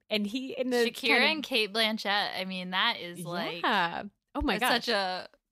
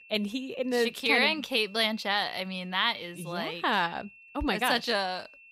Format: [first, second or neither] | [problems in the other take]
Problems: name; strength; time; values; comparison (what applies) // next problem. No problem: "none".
first | high-pitched whine; faint; throughout; 2.5 kHz, 25 dB below the speech